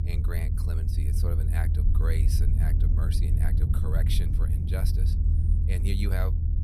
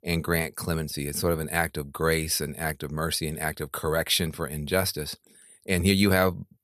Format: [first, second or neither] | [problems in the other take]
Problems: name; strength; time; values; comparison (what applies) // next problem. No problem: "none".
second | low rumble; loud; throughout; 2 dB below the speech